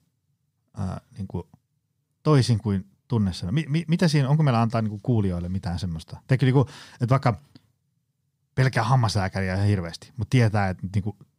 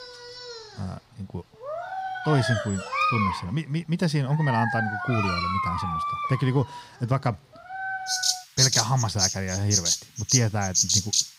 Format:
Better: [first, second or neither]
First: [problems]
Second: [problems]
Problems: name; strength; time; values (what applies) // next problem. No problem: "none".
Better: first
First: none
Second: animal sounds; very loud; throughout; 2 dB above the speech